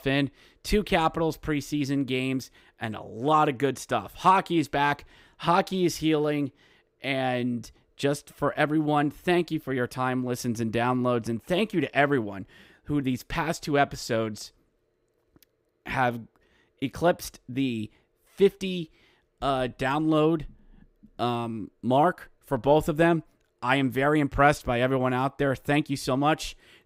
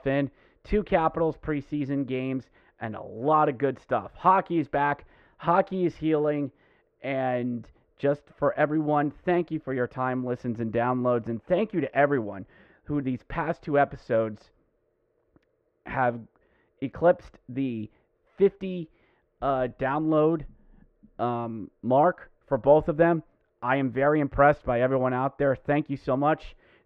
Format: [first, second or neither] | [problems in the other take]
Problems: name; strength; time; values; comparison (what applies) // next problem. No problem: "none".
first | muffled; very; fading above 1.5 kHz